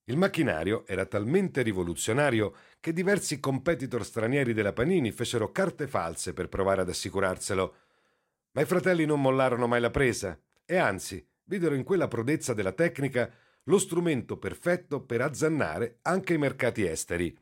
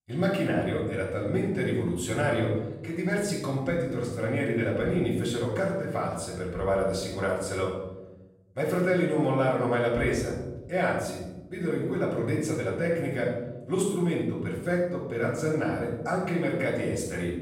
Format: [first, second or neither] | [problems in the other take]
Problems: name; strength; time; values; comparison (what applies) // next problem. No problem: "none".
first | off-mic speech; far // room echo; noticeable; dies away in 1.1 s